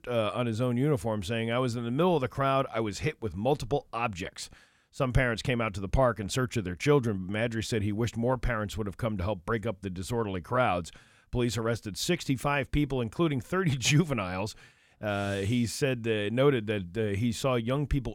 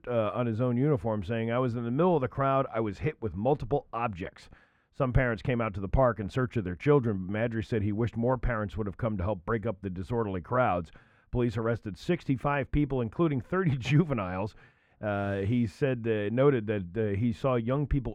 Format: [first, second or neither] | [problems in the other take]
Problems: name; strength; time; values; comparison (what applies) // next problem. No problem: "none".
first | muffled; very; fading above 3.5 kHz